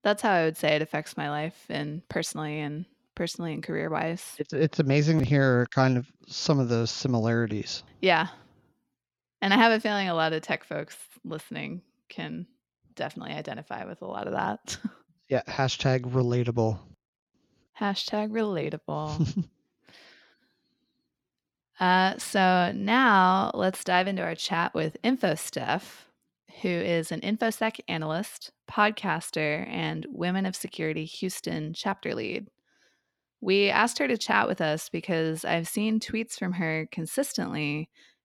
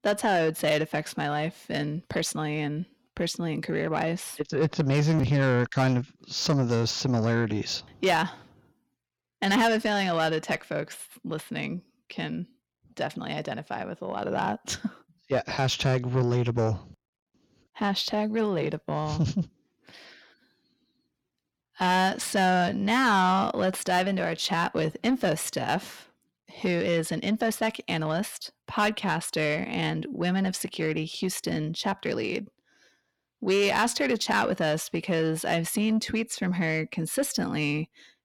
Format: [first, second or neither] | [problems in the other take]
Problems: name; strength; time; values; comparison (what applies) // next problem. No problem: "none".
first | distortion; slight; 10 dB below the speech